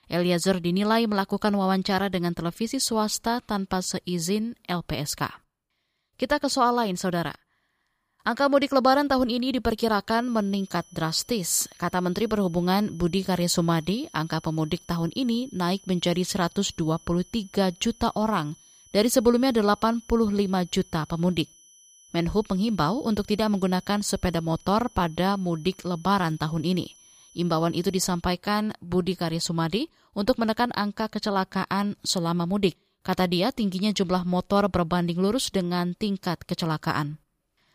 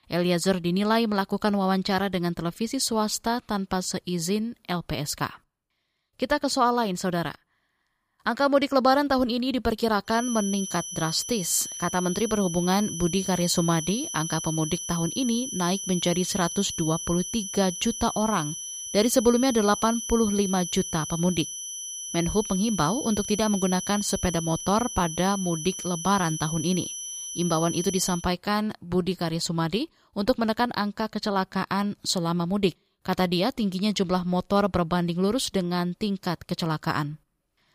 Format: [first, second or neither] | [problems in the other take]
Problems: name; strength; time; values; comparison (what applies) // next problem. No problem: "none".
first | high-pitched whine; loud; from 10 to 28 s; 6 kHz, 6 dB below the speech; faint in the first